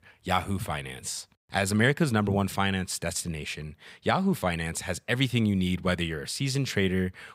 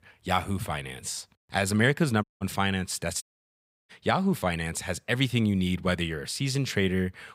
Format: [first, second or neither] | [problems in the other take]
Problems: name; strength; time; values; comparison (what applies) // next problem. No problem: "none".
first | audio cutting out; at 2 s and at 3 s for 0.5 s